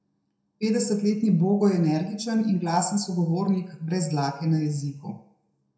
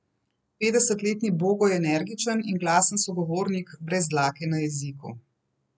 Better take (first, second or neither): second